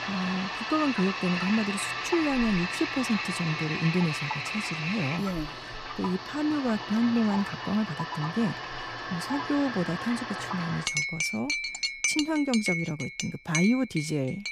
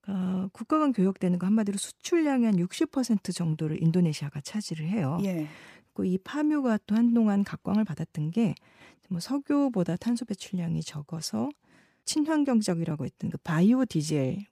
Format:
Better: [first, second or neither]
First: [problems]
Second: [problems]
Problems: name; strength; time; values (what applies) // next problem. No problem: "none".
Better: second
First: household noises; loud; throughout; 2 dB below the speech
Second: none